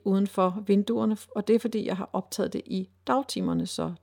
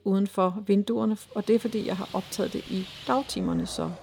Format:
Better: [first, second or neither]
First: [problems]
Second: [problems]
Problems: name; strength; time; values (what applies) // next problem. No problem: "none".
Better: first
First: none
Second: traffic noise; noticeable; throughout; 15 dB below the speech